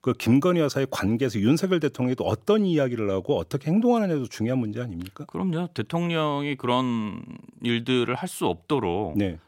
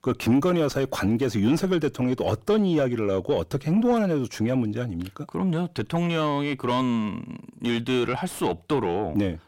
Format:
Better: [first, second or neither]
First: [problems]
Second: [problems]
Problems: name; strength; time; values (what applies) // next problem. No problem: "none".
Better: first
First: none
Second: distortion; slight; 10 dB below the speech